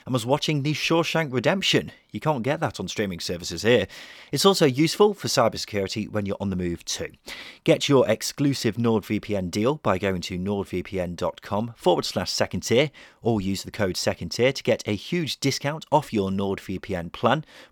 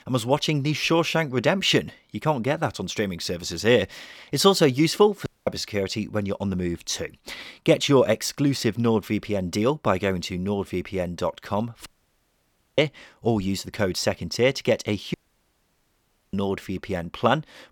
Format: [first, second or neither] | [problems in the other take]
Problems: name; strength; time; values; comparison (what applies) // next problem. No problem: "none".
first | audio cutting out; at 5.5 s, at 12 s for 1 s and at 15 s for 1 s